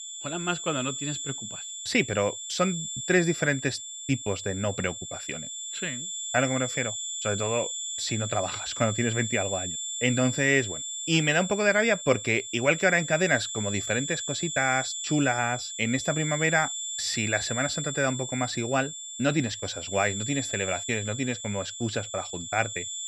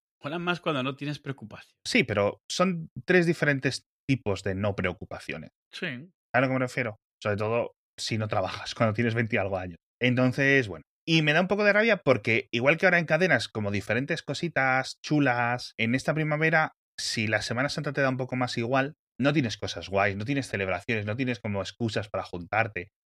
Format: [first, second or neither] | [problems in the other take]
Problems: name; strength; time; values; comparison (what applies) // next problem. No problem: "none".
second | high-pitched whine; loud; throughout; 7.5 kHz, 5 dB below the speech